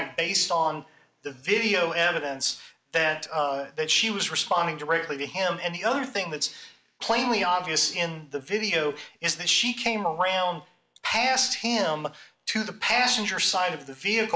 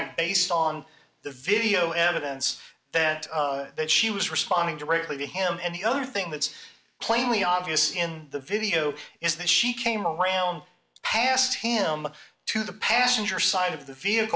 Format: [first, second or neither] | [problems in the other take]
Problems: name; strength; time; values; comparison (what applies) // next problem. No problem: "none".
second | noise reduction (neural mask model Resemble Enhance denoiser)